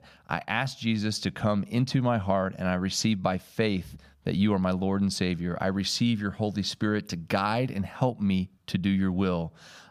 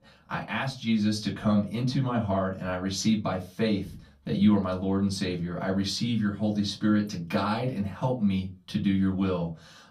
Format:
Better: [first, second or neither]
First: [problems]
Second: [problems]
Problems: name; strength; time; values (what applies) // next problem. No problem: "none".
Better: first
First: none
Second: off-mic speech; far // room echo; very slight; dies away in 0.2 s